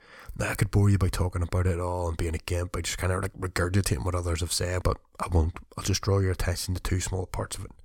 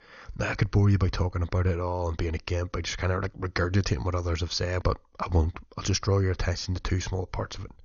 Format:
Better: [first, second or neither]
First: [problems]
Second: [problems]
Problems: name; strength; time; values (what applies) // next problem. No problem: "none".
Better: first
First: none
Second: garbled, watery; slightly; nothing above 6.5 kHz